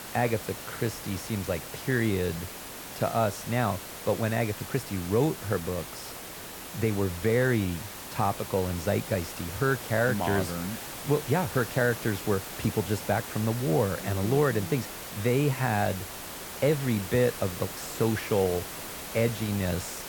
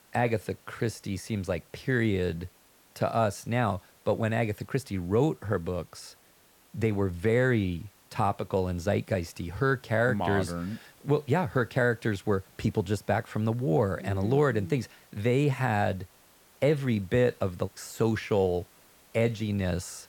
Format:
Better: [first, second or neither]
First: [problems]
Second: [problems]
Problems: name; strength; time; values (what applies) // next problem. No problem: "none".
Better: second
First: hiss; loud; throughout; 9 dB below the speech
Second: hiss; faint; throughout; 30 dB below the speech